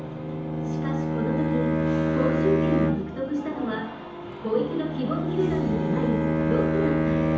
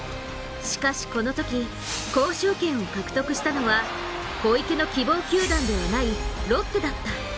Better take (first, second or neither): second